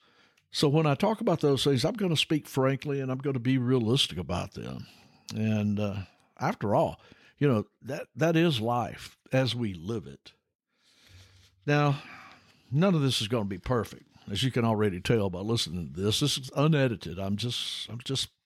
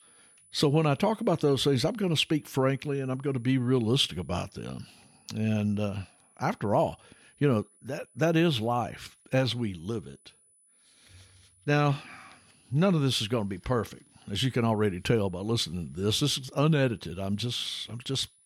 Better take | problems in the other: first | high-pitched whine; faint; throughout; 10 kHz, 30 dB below the speech

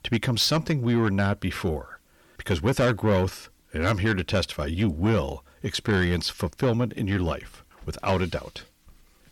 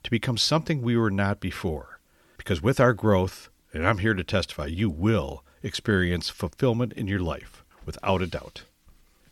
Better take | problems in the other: second | distortion; slight; 10 dB below the speech

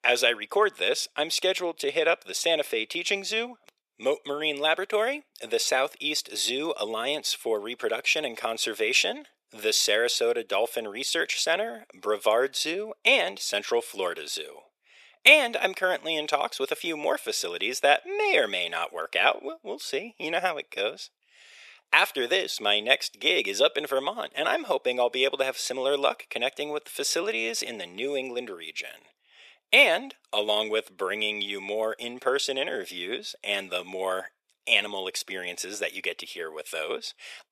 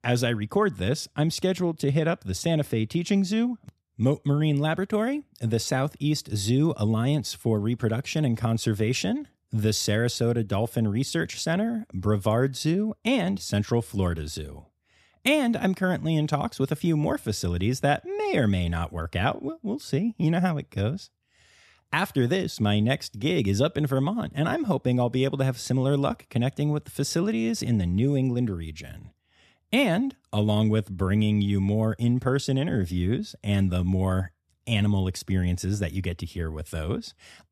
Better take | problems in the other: second | thin; very; fading below 450 Hz

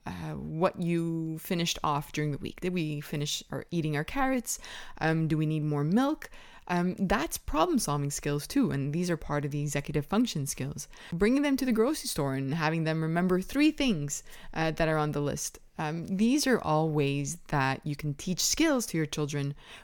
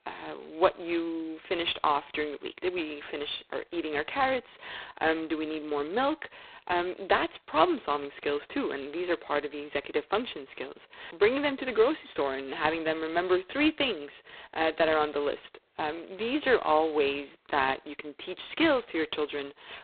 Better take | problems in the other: first | phone-call audio; poor line; nothing above 4 kHz

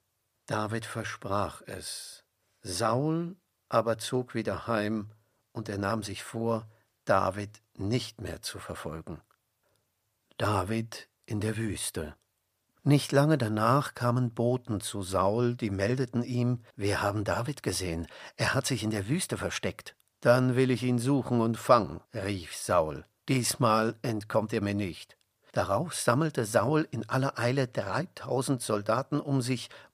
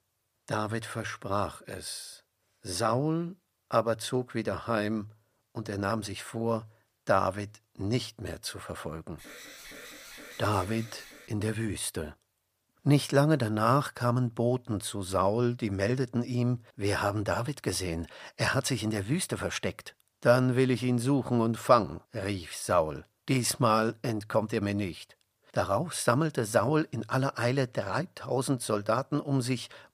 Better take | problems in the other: first | alarm; faint; from 9 to 11 s; peak 15 dB below the speech

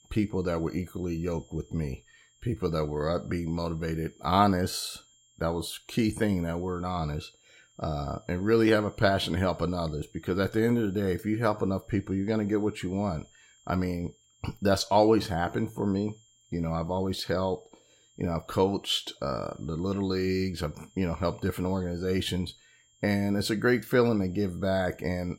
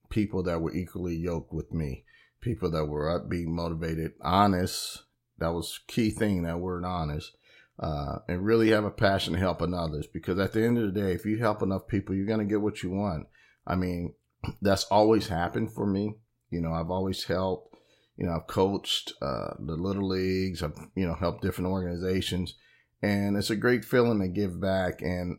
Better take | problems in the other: second | high-pitched whine; faint; throughout; 3 kHz, 30 dB below the speech

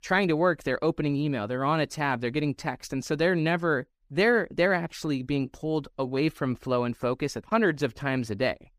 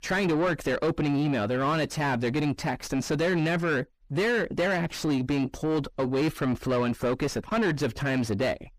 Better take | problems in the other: first | distortion; heavy; 5 dB below the speech

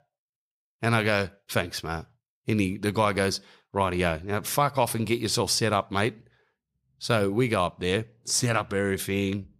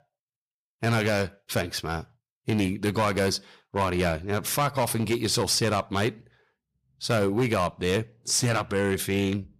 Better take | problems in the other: first | distortion; slight; 6% of the sound clipped

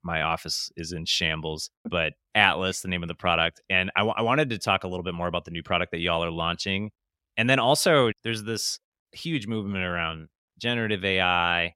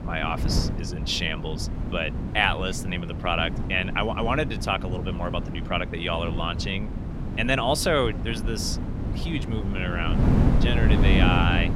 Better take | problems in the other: first | wind noise on the microphone; heavy; 9 dB below the speech

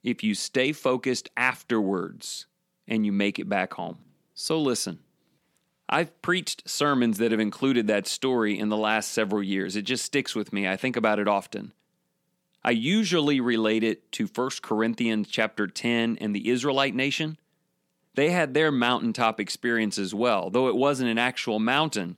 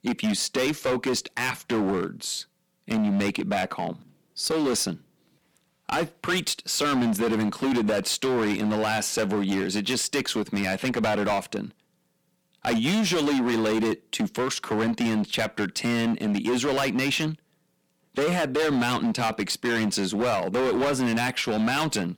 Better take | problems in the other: first | distortion; heavy; 19% of the sound clipped

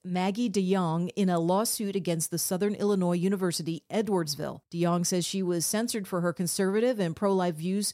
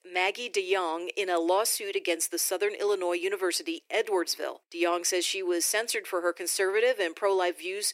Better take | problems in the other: first | thin; very; fading below 350 Hz

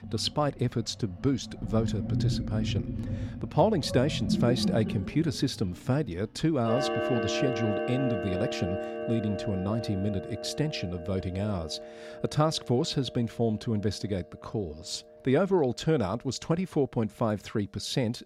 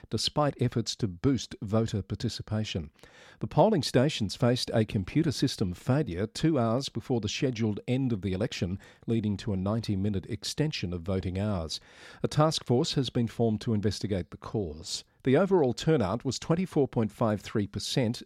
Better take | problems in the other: second | household noises; loud; throughout; 4 dB below the speech

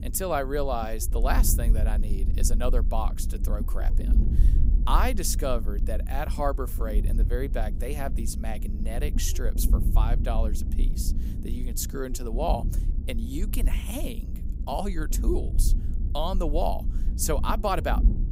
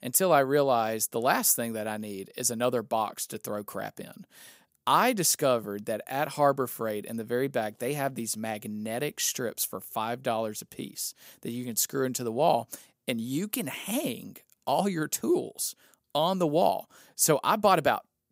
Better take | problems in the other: second | low rumble; noticeable; throughout; 15 dB below the speech

